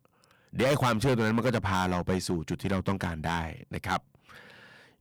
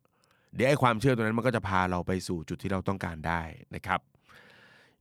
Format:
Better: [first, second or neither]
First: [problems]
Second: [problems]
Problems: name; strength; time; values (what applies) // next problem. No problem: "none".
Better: second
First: distortion; heavy; 8% of the sound clipped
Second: none